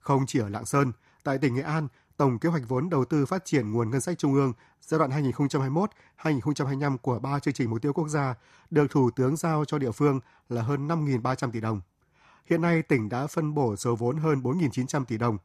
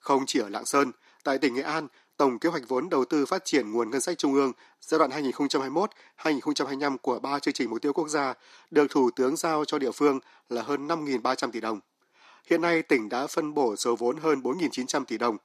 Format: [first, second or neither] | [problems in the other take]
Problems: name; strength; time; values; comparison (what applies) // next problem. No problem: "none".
first | thin; very slightly; fading below 250 Hz